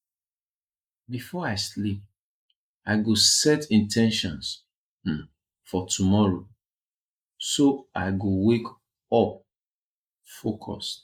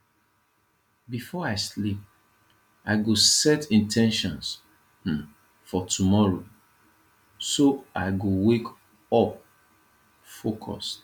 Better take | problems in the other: second | noise reduction (neural mask model Resemble Enhance denoiser)

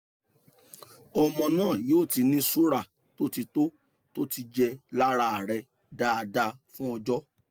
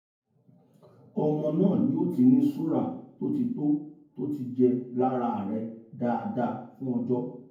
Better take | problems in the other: first | room echo; dies away in 0.9 s

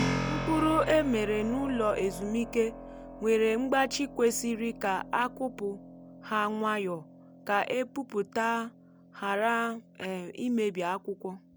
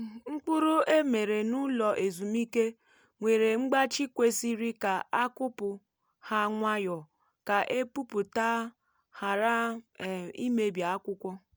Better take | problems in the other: second | background sound (Keyboard (musical)); 10 dB below the speech

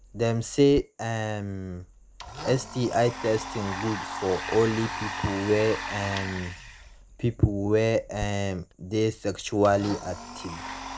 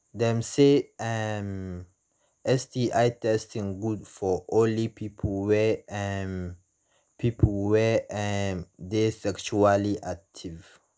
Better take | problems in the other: second | background sound (Domestic sounds, home sounds); 11 dB below the speech

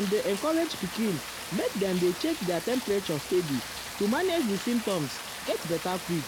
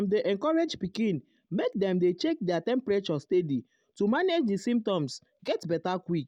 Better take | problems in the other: second | background sound (Rain); 9 dB below the speech

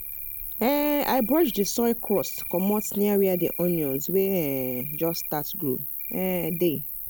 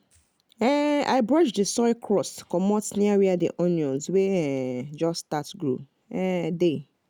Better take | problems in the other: second | background sound (Cricket); 7 dB below the speech

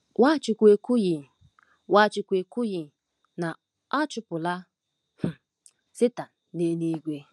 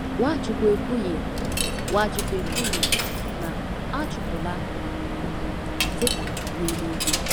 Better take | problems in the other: first | background sound (Coin (dropping)); 3 dB above the speech

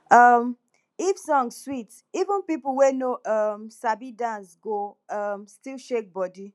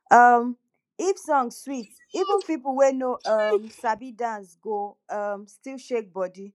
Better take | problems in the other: first | noise reduction (neural mask model Resemble Enhance denoiser)

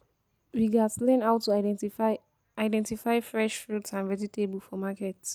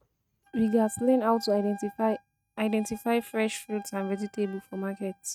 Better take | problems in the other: first | noise reduction (neural mask model RNNoise)

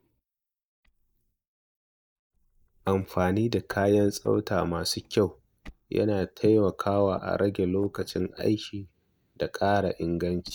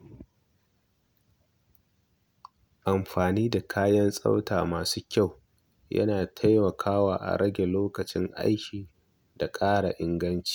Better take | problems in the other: second | noise reduction (neural mask model DeepFilterNet 3)

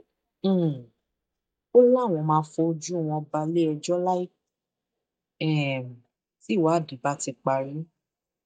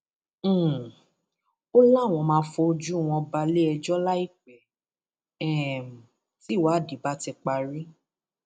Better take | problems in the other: second | noise reduction (neural mask model DeepFilterNet 3)

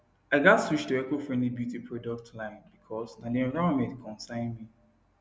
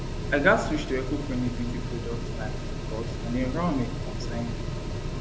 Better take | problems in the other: first | background sound (Mechanical fan); 1 dB below the speech

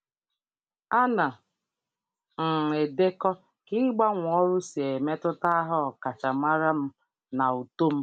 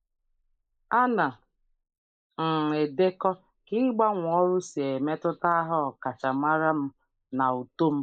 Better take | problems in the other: first | noise reduction (neural mask model Resemble Enhance denoiser)

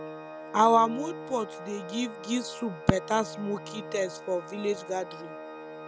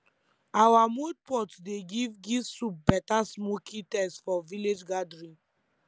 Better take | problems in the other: second | background sound (Organ); 12 dB below the speech

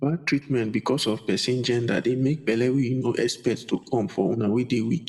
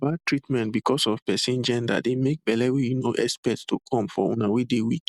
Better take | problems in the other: second | room echo; dies away in 0.6 s

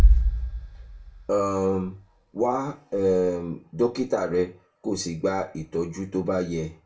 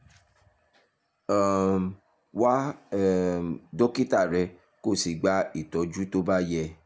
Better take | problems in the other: second | background sound (Bass drum); 1 dB below the speech // room echo; dies away in 0.2 s

